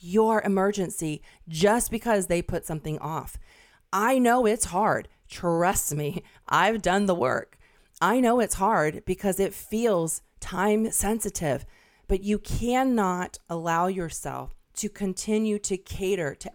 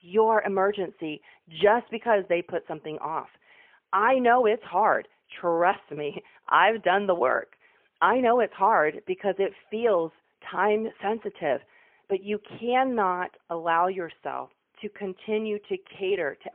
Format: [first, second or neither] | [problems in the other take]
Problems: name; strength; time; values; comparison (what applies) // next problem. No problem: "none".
first | phone-call audio; poor line; nothing above 3 kHz